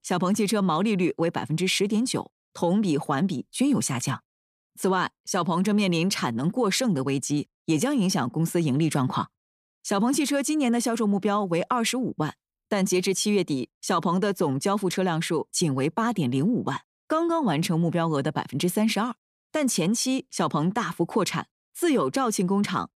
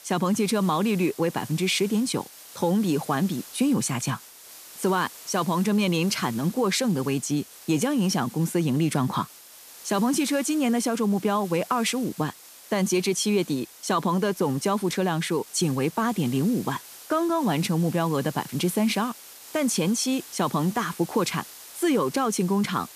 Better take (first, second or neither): first